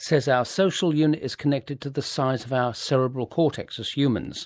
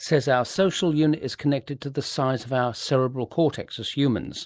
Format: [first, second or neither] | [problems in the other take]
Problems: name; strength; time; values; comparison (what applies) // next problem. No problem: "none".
first | noise reduction (neural separator model SepFormer DNS4)